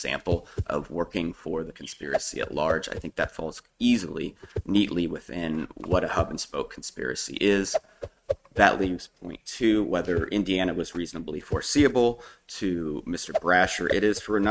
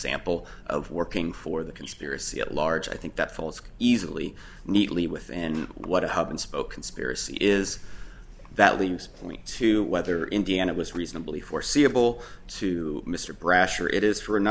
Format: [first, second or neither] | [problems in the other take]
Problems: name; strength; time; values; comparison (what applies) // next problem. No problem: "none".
second | noise reduction (neural mask model RNNoise)